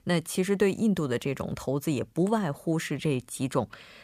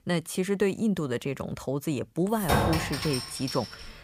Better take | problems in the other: first | clattering dishes; loud; from 2.5 s on; peak 4 dB above the speech

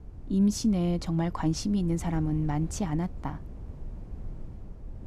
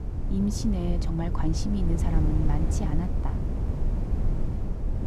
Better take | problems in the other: first | wind noise on the microphone; heavy; 4 dB below the speech; occasional gusts in the first

